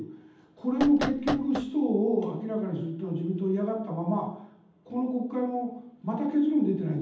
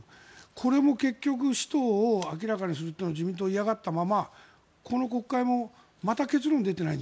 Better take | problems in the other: second | background sound (Knock); 6 dB below the speech // room echo; dies away in 0.8 s

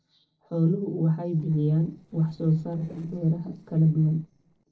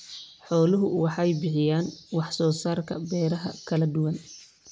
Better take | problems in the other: second | noise reduction (neural separator model SepFormer DNS4)

